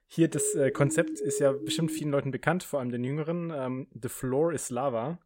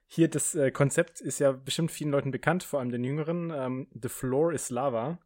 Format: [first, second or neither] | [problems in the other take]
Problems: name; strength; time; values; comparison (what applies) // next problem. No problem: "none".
second | siren; noticeable; until 2 s; peak 4 dB below the speech